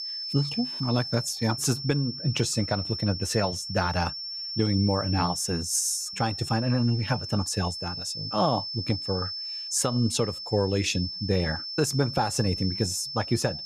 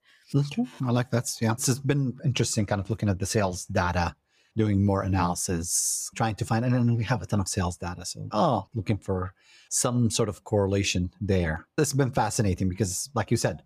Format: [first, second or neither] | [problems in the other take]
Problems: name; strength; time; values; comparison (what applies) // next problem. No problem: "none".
second | high-pitched whine; loud; throughout; 5.5 kHz, 5 dB below the speech